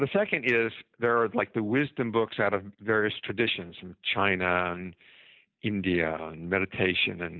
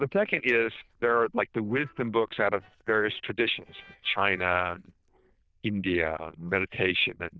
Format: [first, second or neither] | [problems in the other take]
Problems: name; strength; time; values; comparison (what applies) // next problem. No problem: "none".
first | noise reduction (neural diffusion model UNIVERSE++)